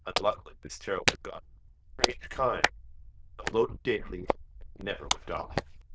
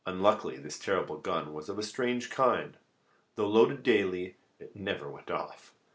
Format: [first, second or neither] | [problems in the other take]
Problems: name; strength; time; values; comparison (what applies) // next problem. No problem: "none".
second | noise reduction (neural diffusion model UNIVERSE++)